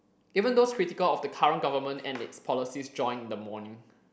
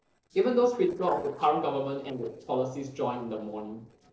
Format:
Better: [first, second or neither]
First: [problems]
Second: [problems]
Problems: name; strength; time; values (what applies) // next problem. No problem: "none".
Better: first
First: none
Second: noise reduction (neural separator model SepFormer DNS4)